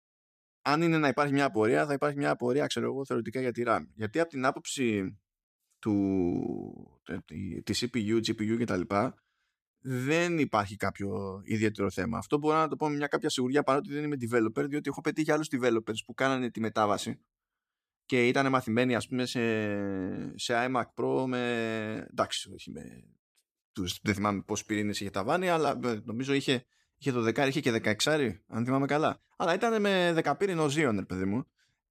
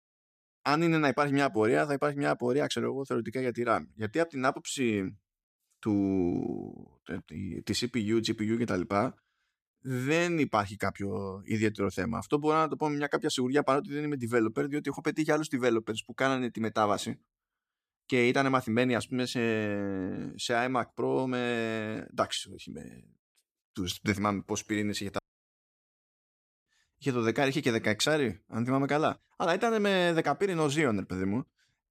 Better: first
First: none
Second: audio cutting out; at 25 s for 1.5 s

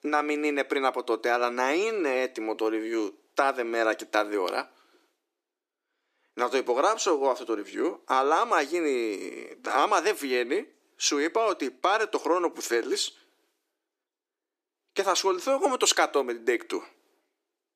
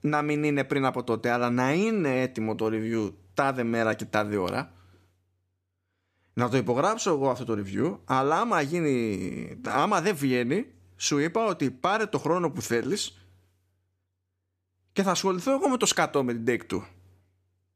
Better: second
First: thin; somewhat; fading below 300 Hz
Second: none

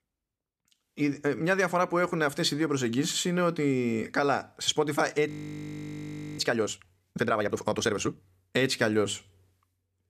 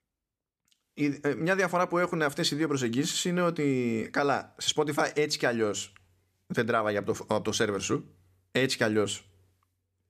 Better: second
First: audio freezing; at 5.5 s for 1 s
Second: none

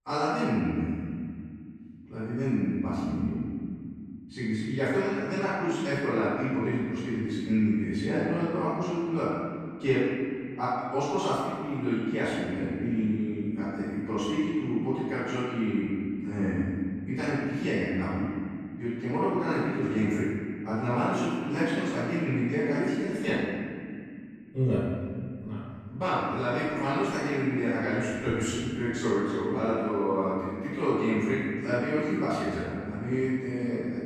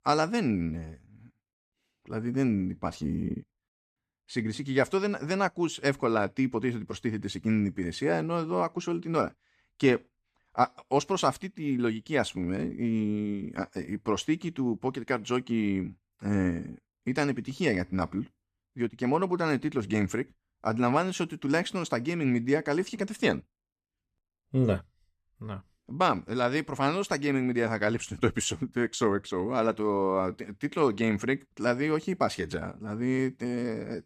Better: second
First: off-mic speech; far // room echo; strong; dies away in 2.3 s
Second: none

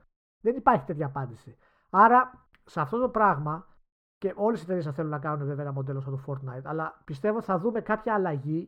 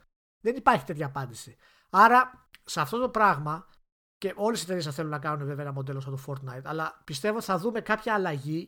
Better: second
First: muffled; very; fading above 2.5 kHz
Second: none

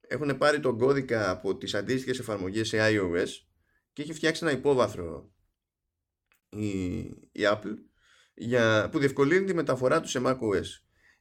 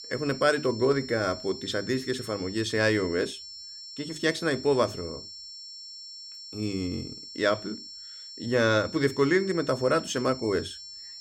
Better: first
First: none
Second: high-pitched whine; noticeable; throughout; 5.5 kHz, 15 dB below the speech

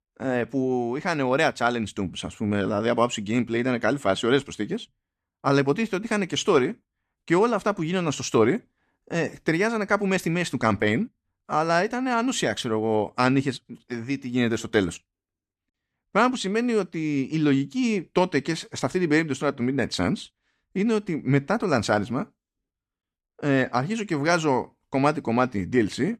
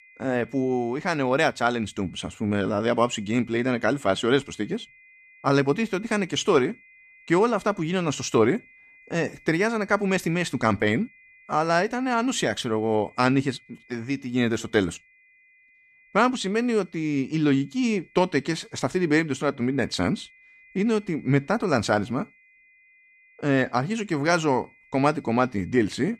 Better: first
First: none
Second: high-pitched whine; faint; throughout; 2 kHz, 30 dB below the speech

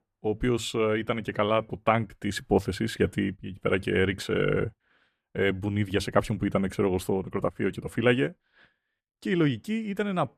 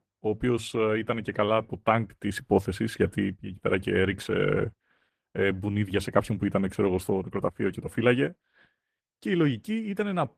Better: first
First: none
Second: garbled, watery; slightly; nothing above 14.5 kHz

